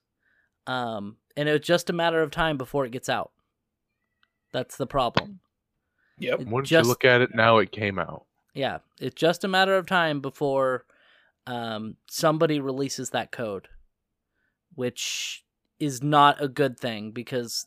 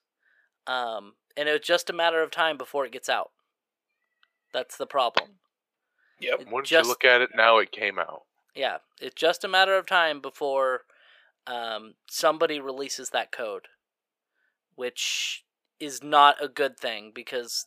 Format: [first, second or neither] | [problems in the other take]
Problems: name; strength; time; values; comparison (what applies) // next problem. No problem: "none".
first | thin; somewhat; fading below 550 Hz